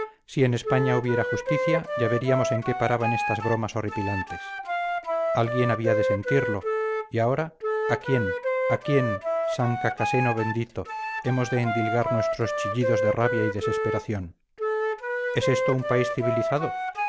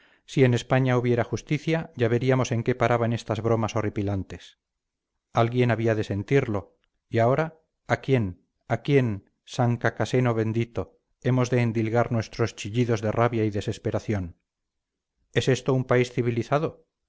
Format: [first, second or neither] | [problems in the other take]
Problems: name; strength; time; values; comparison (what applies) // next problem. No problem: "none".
second | background sound (Wind instrument, woodwind instrument); 1 dB below the speech